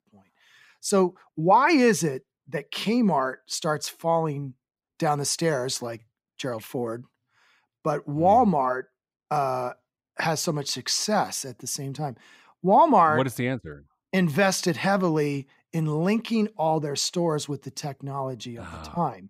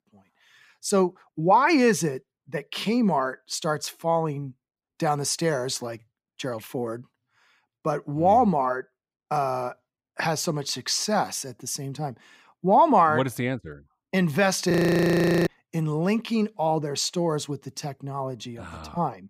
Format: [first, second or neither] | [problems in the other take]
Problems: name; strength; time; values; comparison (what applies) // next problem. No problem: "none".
first | audio freezing; at 15 s for 1 s